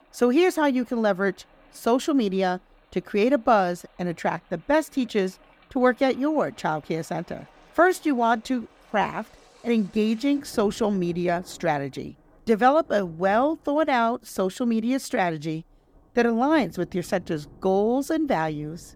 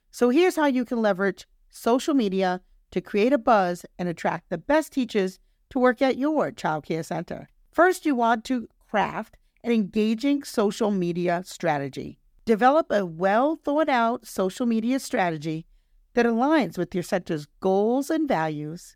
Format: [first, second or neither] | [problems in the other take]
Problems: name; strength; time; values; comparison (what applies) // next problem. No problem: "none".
second | rain or running water; faint; throughout; 30 dB below the speech